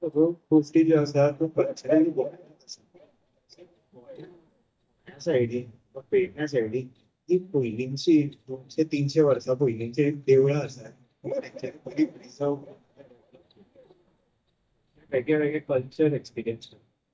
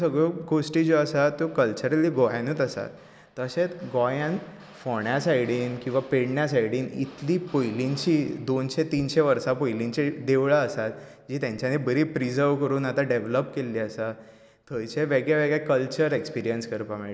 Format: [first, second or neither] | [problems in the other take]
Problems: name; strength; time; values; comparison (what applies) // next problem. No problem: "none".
second | noise reduction (neural mask model DeepFilterNet 3)